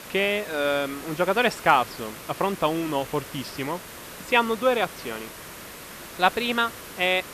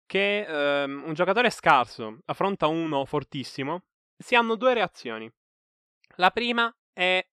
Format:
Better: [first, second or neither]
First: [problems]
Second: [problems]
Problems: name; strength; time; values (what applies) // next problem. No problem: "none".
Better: second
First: hiss; noticeable; throughout; 15 dB below the speech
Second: none